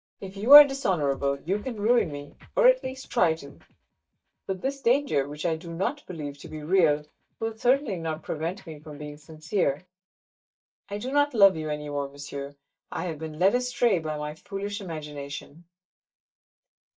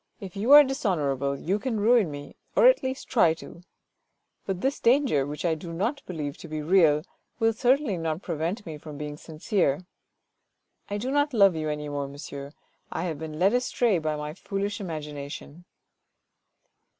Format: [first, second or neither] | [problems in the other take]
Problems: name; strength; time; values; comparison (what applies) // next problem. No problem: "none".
second | noise reduction (neural mask model DeepFilterNet 3)